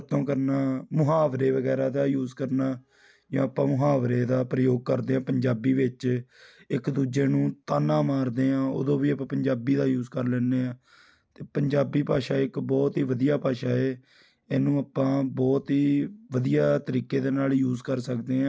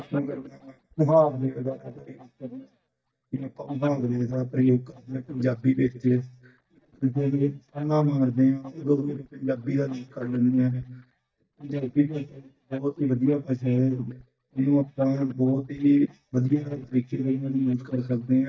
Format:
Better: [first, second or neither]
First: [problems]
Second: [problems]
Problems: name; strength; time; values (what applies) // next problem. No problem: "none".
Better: first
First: none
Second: noise reduction (neural mask model DeepFilterNet 3)